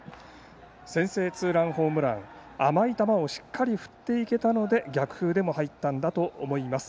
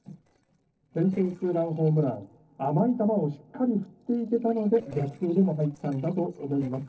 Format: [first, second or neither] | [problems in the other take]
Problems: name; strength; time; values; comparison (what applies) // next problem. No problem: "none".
first | noise reduction (neural separator model SepFormer DNS4)